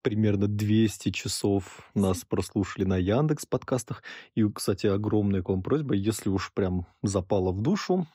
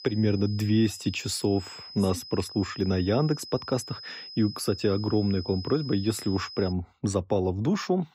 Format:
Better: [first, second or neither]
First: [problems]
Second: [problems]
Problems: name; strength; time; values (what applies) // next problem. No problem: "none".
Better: first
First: none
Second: high-pitched whine; noticeable; until 6.5 s; 5 kHz, 15 dB below the speech